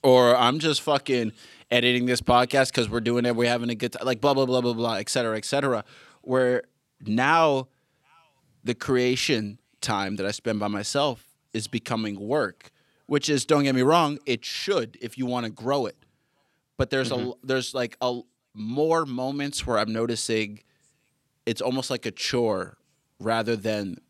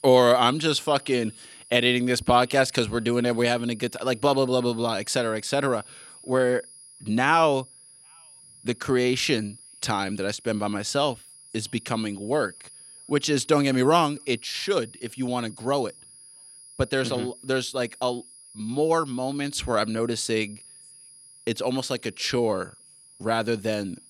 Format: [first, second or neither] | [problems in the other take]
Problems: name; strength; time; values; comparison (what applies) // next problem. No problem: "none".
first | high-pitched whine; faint; throughout; 10.5 kHz, 20 dB below the speech